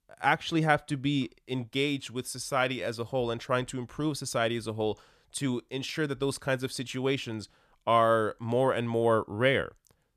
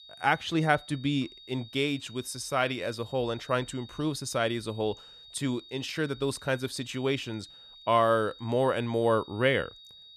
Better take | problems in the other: first | high-pitched whine; noticeable; throughout; 3.5 kHz, 20 dB below the speech

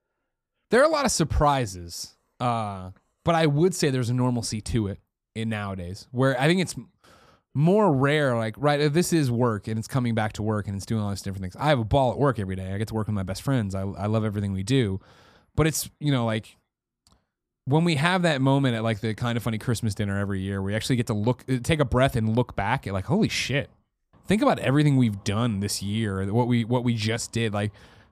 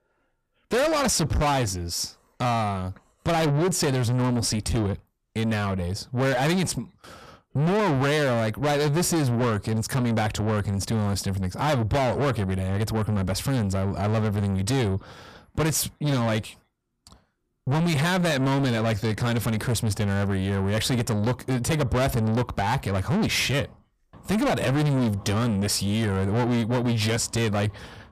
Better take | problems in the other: first | distortion; heavy; 6 dB below the speech

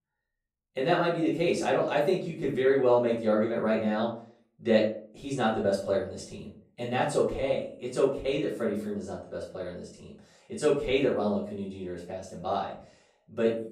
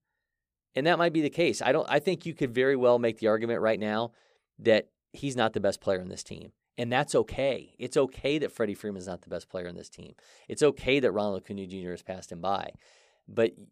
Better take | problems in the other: second | off-mic speech; far // room echo; noticeable; dies away in 0.4 s

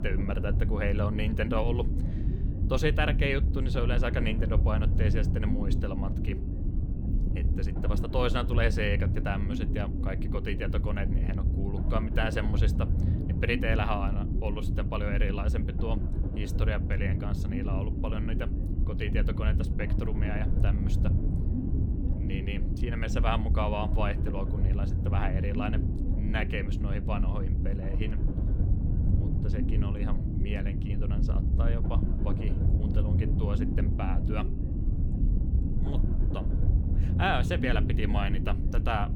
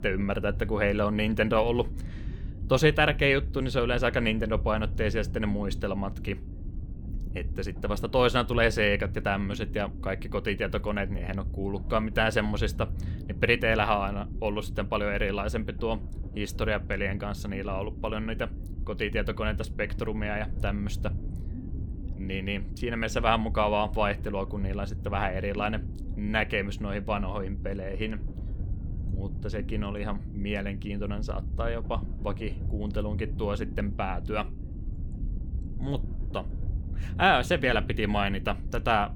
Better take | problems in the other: second | low rumble; loud; throughout; 7 dB below the speech; faint in the second

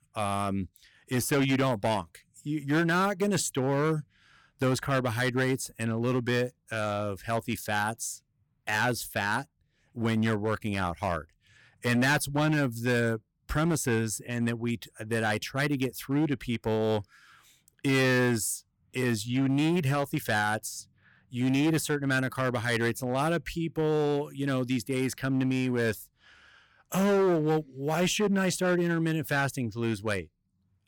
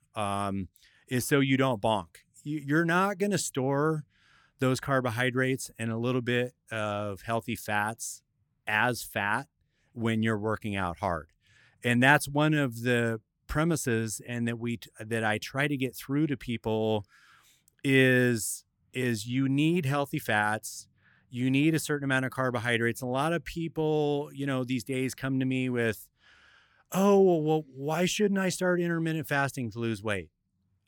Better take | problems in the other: second | distortion; slight; 8% of the sound clipped

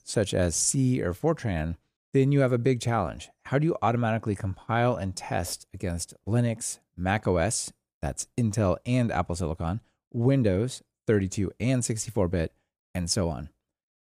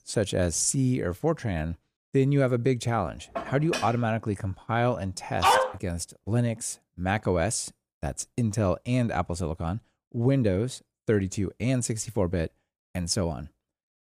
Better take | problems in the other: first | clattering dishes; noticeable; at 3.5 s; peak 6 dB below the speech // dog barking; loud; at 5.5 s; peak 6 dB above the speech

